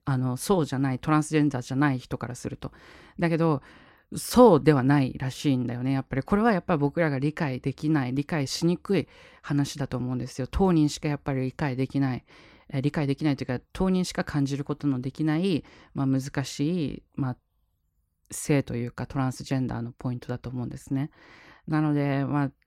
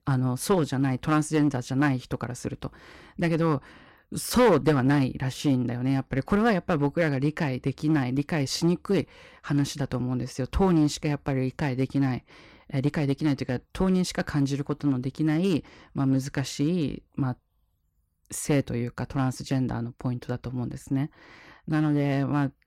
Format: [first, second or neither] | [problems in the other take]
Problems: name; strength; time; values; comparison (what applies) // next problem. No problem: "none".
first | distortion; slight; 3% of the sound clipped